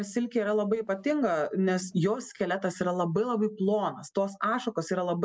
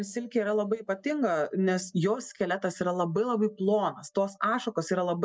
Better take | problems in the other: first | noise reduction (neural mask model DeepFilterNet 3)

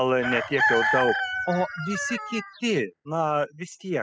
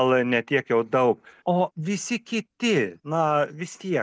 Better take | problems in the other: second | noise reduction (classical method spectral subtraction)

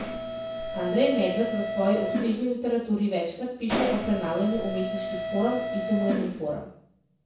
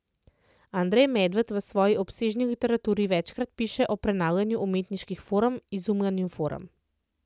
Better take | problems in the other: second | background sound (Mechanisms); 4 dB below the speech // room echo; dies away in 0.6 s

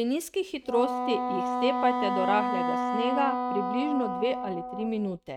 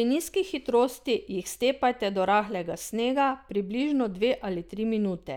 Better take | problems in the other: second | noise reduction (neural mask model RNNoise)

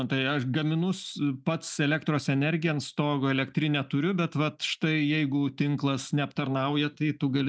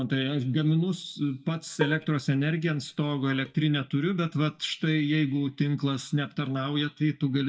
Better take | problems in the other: first | noise reduction (neural mask model DeepFilterNet 3)

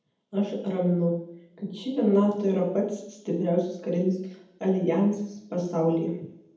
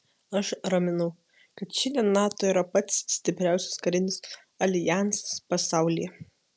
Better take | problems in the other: second | room echo; dies away in 0.8 s

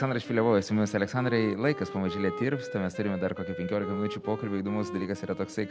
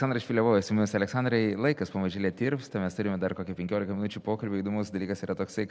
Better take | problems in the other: second | background sound (Wind instrument, woodwind instrument); 10 dB below the speech

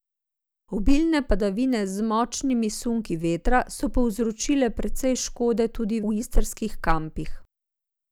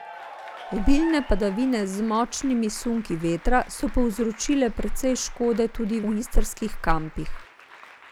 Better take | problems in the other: first | background sound (Applause / Cheering); 19 dB below the speech

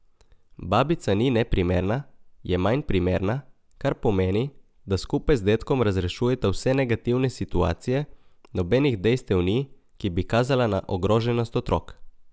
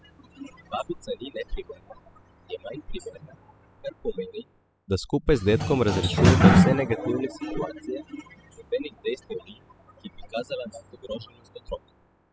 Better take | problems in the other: first | noise reduction (classical method spectral subtraction)

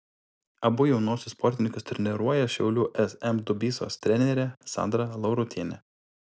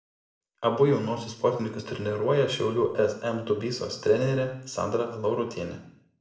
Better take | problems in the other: first | room echo; dies away in 0.6 s

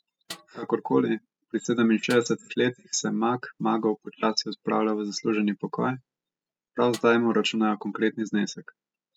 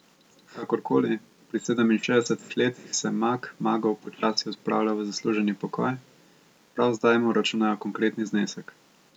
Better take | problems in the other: second | noise reduction (classical method spectral subtraction)

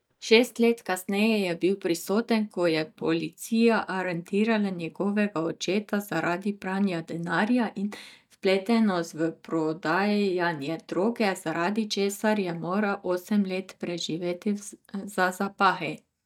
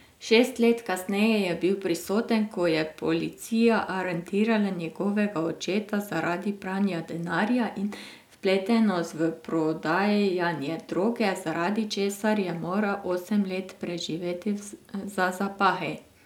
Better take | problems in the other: second | noise reduction (neural mask model DeepFilterNet 3)

